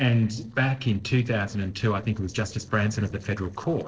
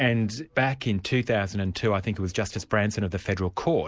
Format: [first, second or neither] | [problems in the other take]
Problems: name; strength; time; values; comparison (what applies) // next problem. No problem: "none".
second | noise reduction (neural separator model SepFormer DNS4)